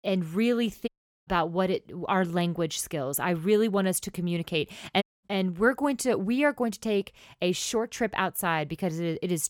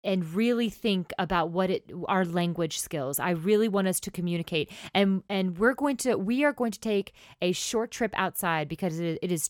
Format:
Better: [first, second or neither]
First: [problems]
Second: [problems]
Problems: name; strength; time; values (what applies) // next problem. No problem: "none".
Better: second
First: audio cutting out; at 1 s and at 5 s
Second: none